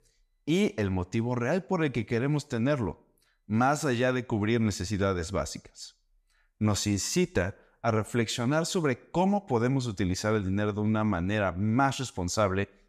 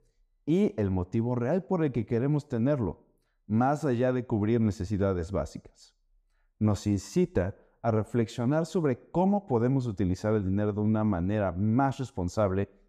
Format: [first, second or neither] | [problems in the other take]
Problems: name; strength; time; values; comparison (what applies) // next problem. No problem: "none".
first | muffled; slightly; fading above 1.5 kHz